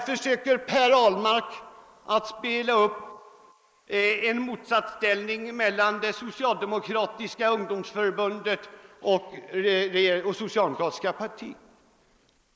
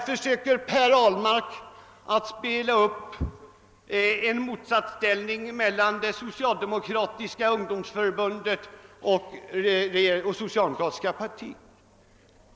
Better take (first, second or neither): second